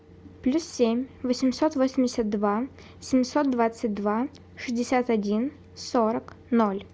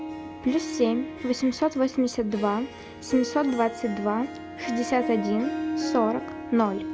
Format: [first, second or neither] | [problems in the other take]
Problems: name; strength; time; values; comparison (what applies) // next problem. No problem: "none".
first | background sound (Harp); 8 dB below the speech